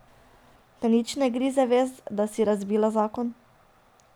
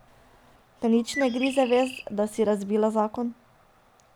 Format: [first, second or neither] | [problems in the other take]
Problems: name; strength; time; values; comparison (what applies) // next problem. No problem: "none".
first | background sound (Bird); 12 dB below the speech